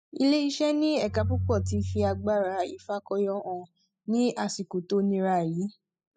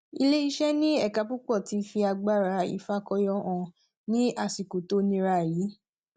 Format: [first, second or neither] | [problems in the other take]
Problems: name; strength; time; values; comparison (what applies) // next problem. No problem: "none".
second | noise reduction (classical method spectral subtraction)